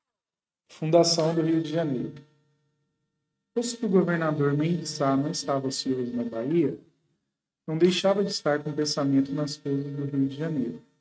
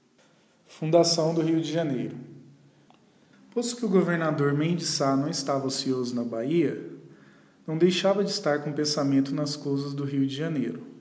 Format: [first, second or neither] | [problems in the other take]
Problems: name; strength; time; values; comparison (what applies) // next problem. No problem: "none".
second | noise reduction (neural mask model RNNoise)